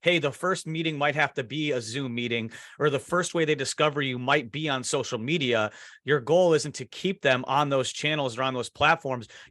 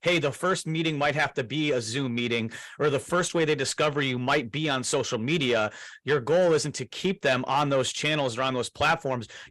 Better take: first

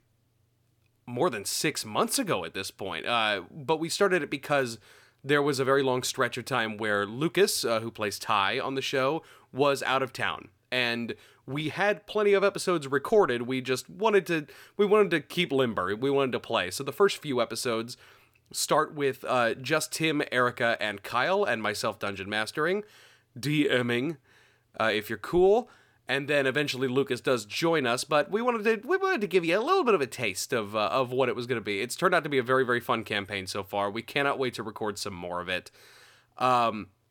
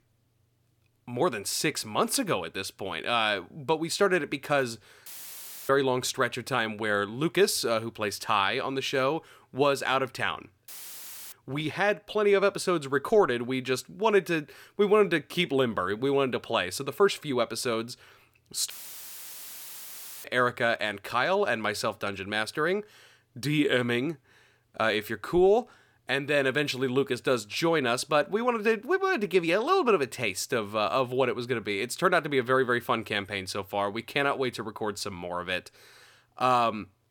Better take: first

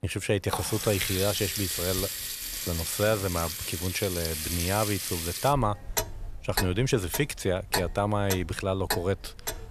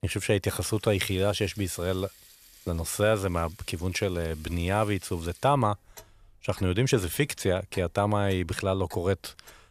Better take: second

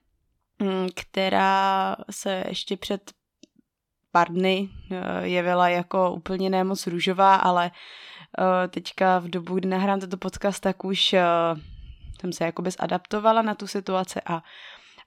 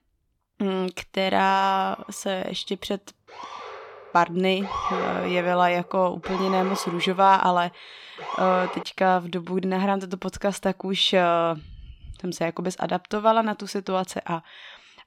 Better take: first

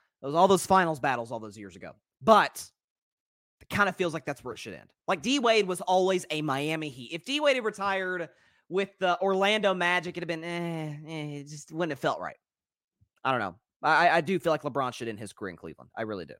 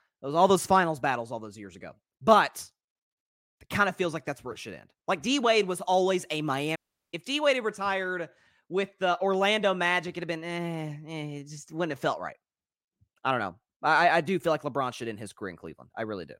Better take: first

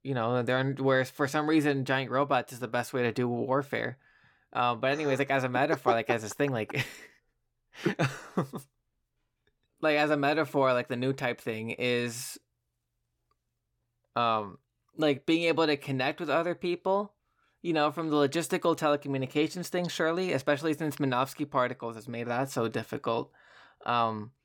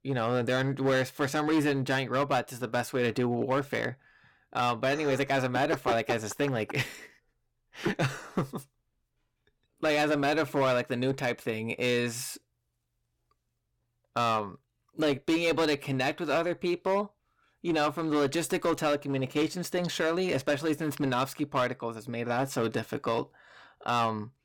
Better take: first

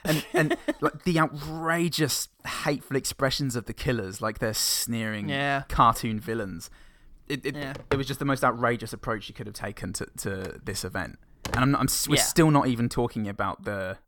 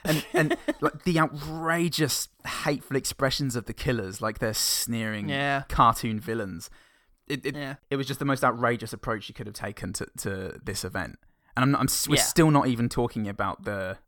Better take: second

